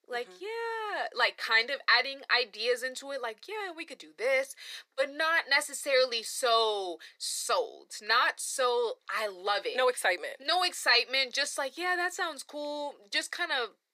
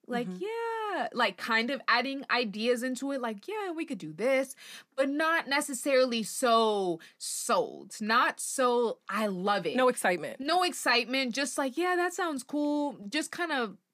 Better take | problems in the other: second | thin; very; fading below 450 Hz

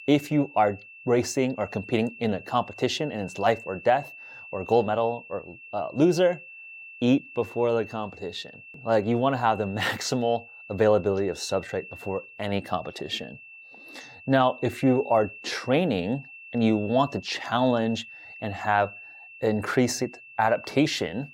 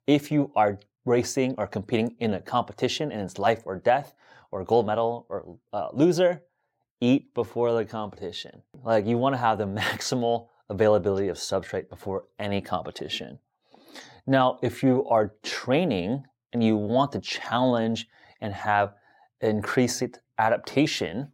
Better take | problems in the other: second | high-pitched whine; noticeable; throughout; 2.5 kHz, 15 dB below the speech

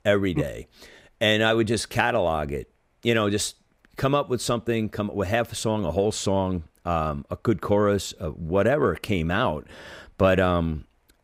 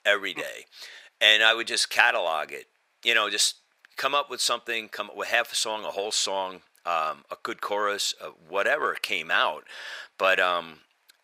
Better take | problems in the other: first | thin; very; fading below 850 Hz

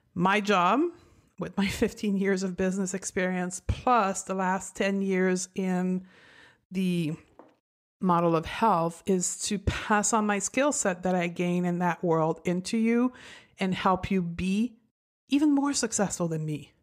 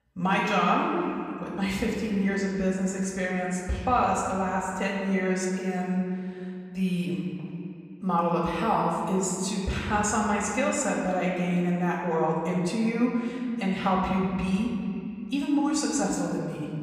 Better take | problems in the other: first | off-mic speech; far // room echo; noticeable; dies away in 2.2 s

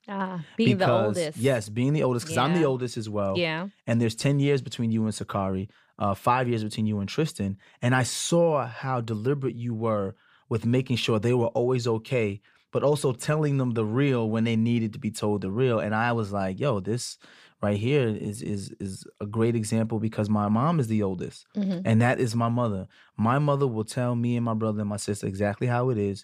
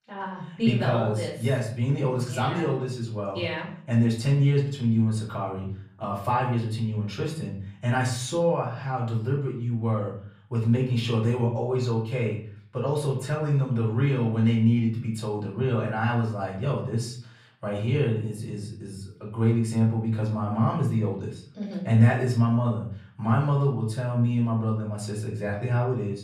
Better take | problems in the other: first | off-mic speech; far // room echo; slight; dies away in 0.5 s

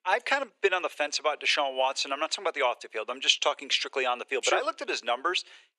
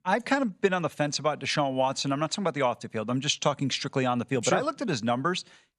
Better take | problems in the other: second | thin; very; fading below 350 Hz

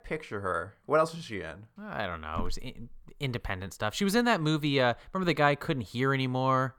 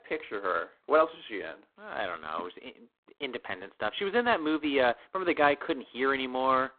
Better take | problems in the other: first | phone-call audio; poor line; nothing above 3.5 kHz

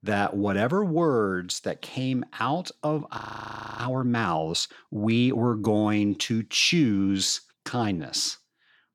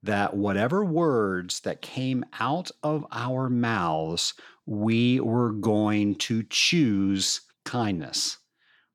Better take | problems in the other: second | audio freezing; at 3 s for 0.5 s

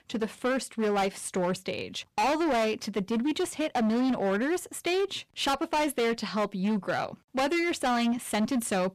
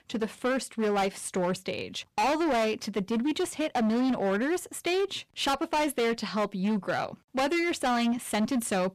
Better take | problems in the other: neither | distortion; heavy; 19% of the sound clipped; the same in both

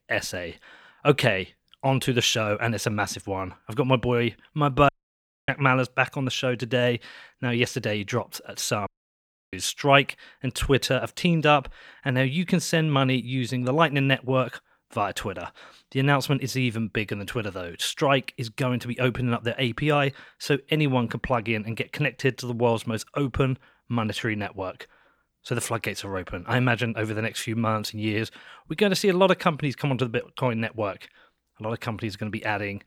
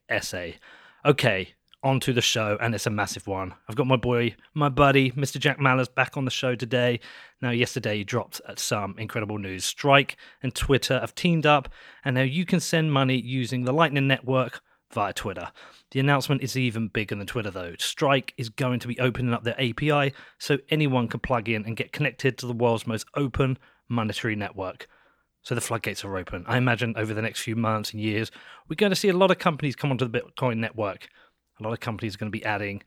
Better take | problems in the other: second | audio cutting out; at 5 s for 0.5 s and at 9 s for 0.5 s

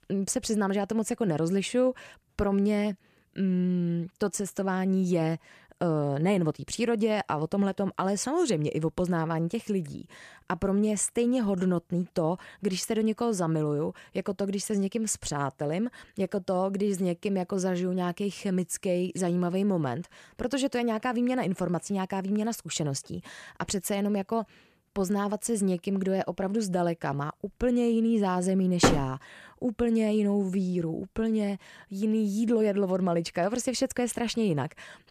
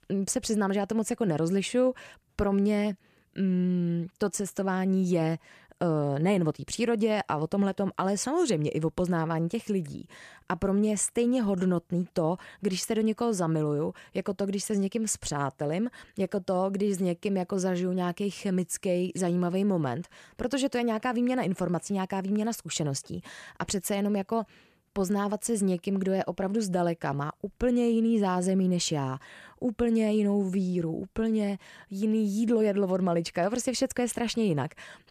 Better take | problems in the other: second | door banging; loud; at 29 s; peak 3 dB above the speech

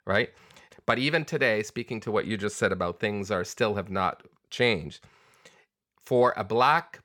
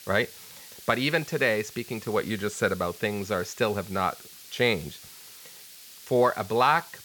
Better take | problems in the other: first | hiss; noticeable; throughout; 15 dB below the speech

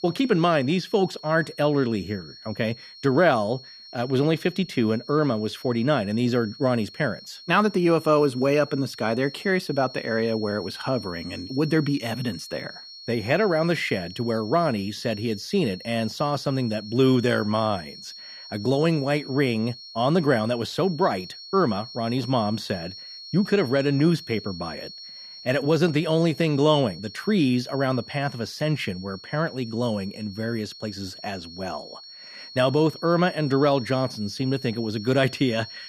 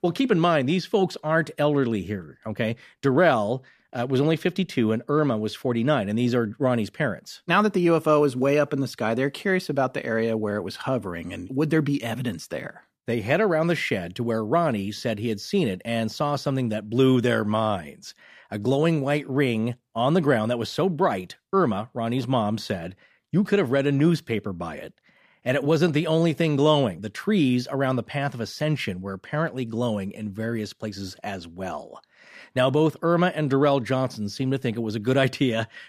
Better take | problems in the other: second | high-pitched whine; noticeable; throughout; 4.5 kHz, 15 dB below the speech

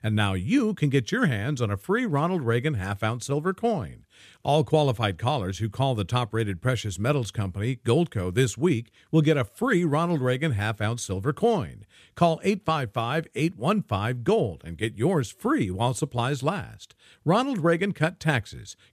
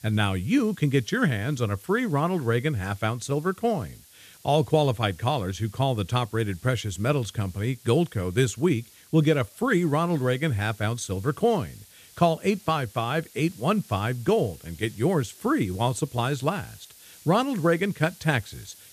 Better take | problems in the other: first | hiss; faint; throughout; 25 dB below the speech

